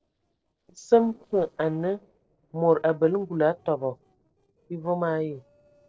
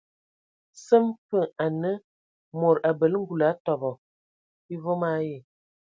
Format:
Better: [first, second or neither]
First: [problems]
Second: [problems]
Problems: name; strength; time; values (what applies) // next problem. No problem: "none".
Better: second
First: noise reduction (neural separator model SepFormer DNS4)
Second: none